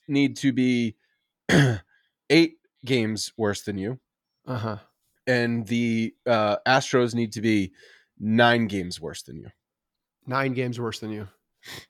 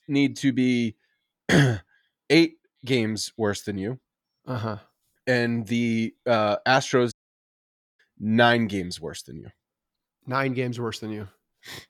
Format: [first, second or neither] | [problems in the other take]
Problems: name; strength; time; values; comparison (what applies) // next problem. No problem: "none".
first | audio cutting out; at 7 s for 1 s